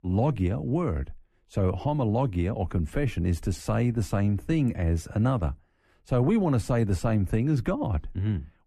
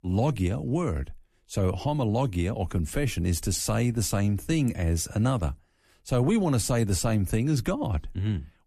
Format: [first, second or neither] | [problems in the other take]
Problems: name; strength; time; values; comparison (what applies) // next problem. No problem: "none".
second | muffled; slightly; fading above 3 kHz